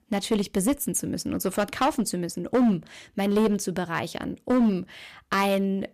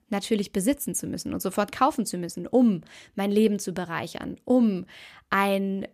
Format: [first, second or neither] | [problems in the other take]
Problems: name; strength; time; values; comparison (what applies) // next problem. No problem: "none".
second | distortion; slight; 6% of the sound clipped